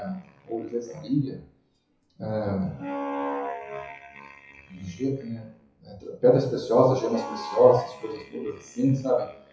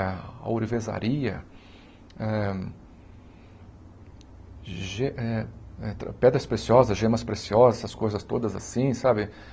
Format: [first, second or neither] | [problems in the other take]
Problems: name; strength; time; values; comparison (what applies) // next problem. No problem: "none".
second | noise reduction (classical method WPE with log-MMSE)